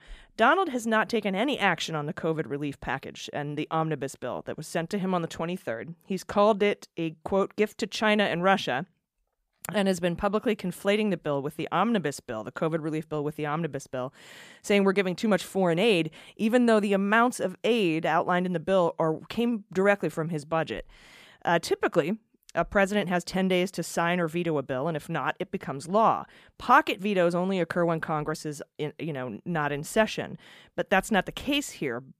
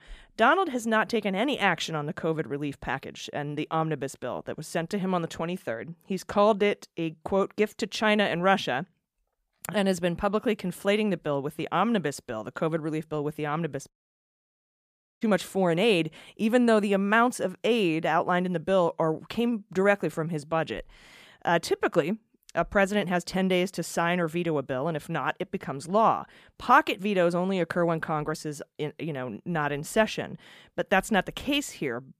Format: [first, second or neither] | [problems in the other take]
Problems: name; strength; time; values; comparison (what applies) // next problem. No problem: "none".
first | audio cutting out; at 14 s for 1.5 s